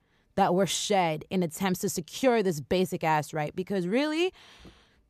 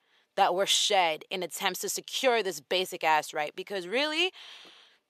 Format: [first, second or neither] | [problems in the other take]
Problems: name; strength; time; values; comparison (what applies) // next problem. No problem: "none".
first | thin; somewhat; fading below 500 Hz